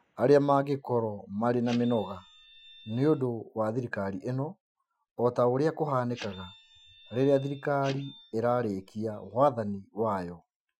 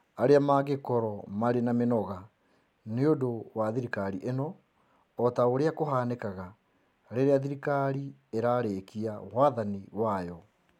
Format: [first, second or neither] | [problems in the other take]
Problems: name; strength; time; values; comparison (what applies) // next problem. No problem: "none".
second | noise reduction (classical method Wiener filter)